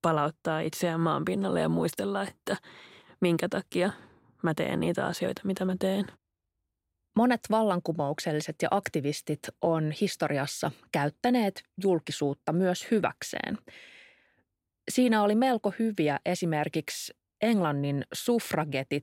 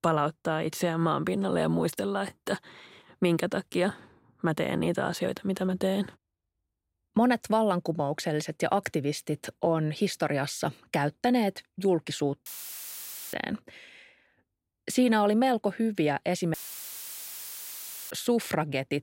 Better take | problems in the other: first | audio cutting out; filled with static; at 12 s for 1 s and at 17 s for 1.5 s

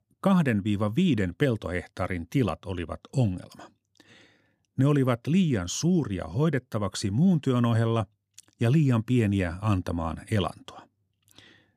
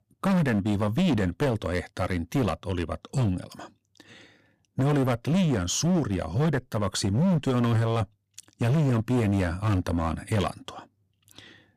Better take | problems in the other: first | distortion; heavy; 15% of the sound clipped

